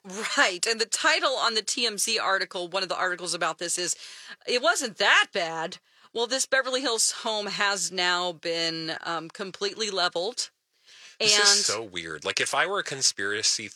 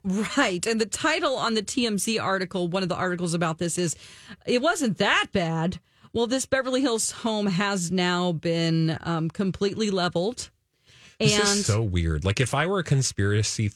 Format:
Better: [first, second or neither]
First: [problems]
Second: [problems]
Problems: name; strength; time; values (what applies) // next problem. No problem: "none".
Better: second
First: thin; very; fading below 550 Hz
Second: none